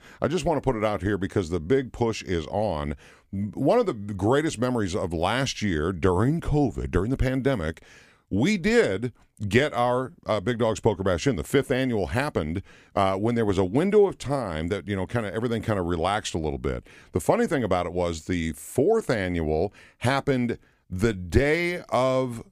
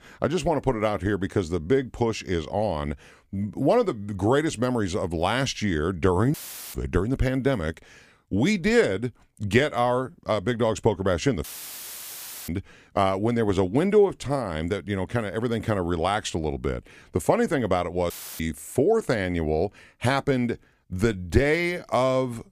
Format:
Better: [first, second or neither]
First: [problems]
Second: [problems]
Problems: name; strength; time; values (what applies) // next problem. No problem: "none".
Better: first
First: none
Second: audio cutting out; filled with static; at 6.5 s, at 11 s for 1 s and at 18 s